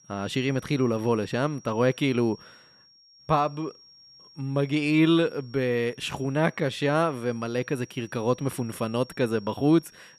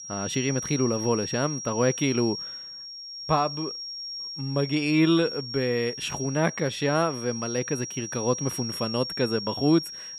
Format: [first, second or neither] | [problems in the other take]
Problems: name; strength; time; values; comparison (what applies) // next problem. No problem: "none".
first | high-pitched whine; loud; throughout; 5.5 kHz, 7 dB below the speech; faint in the first